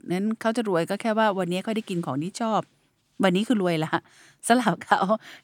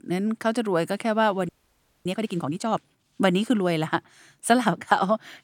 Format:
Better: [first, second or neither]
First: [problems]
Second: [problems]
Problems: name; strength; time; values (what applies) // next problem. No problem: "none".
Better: first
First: none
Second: audio freezing; at 1.5 s for 0.5 s